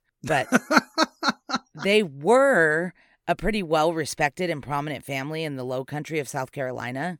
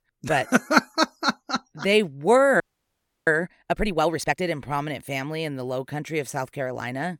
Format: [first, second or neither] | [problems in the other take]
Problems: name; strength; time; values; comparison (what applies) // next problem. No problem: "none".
first | audio freezing; at 2.5 s for 0.5 s